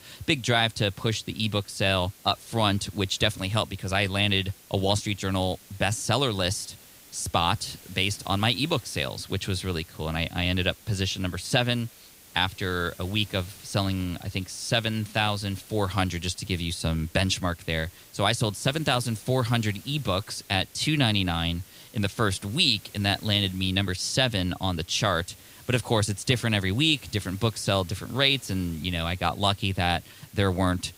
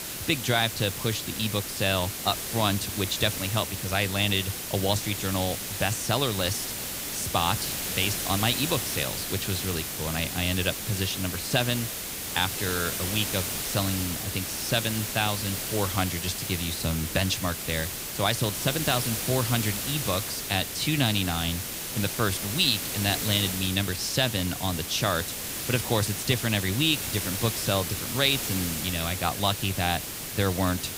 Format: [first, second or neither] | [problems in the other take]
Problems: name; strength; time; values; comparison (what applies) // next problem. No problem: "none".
first | hiss; loud; throughout; 3 dB below the speech; faint in the first